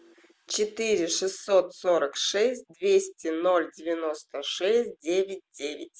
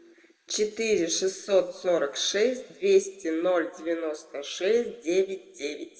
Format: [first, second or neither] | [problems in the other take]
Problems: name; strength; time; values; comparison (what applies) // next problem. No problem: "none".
first | room echo; dies away in 1.4 s